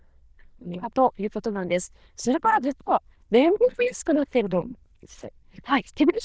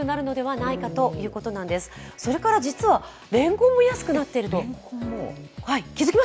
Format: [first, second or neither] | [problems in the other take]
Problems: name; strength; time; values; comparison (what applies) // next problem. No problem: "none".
second | noise reduction (neural diffusion model UNIVERSE++)